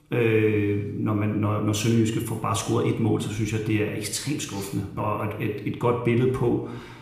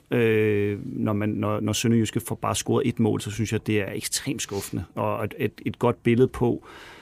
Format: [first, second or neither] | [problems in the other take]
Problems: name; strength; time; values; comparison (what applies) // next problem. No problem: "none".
second | room echo; slight; dies away in 0.7 s